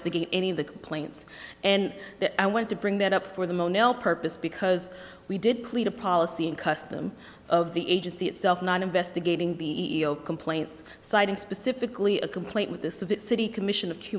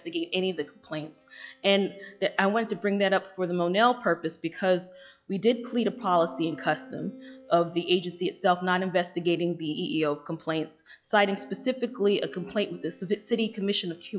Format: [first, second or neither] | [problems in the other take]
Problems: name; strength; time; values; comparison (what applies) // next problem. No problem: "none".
first | noise reduction (classical method log-MMSE)